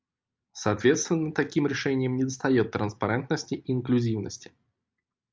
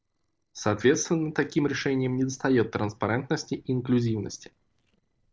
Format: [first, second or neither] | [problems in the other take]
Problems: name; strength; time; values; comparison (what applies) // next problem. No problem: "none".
first | noise reduction (neural separator model SepFormer DNS4)